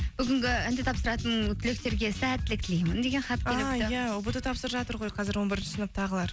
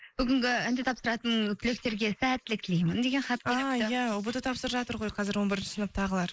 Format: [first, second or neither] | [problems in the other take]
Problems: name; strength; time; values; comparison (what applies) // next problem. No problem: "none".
first | noise reduction (neural mask model Resemble Enhance denoiser)